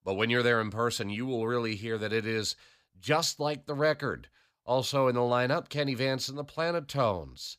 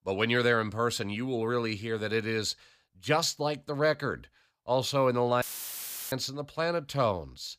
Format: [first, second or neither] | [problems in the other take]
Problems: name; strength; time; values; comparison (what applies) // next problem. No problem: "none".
first | audio cutting out; filled with static; at 5.5 s for 0.5 s